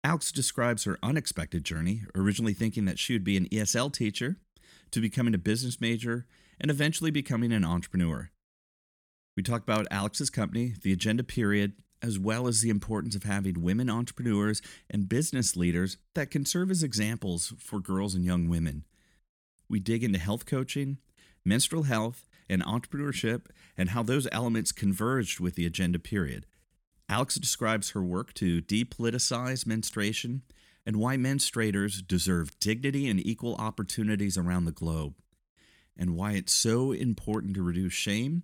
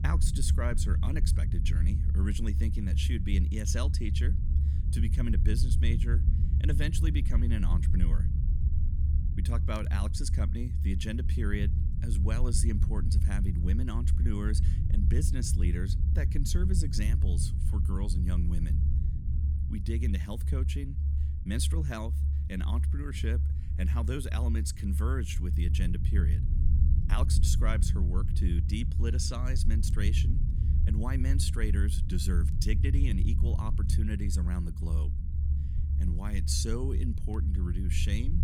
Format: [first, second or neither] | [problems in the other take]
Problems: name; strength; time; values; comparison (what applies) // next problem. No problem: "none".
first | low rumble; loud; throughout; 6 dB below the speech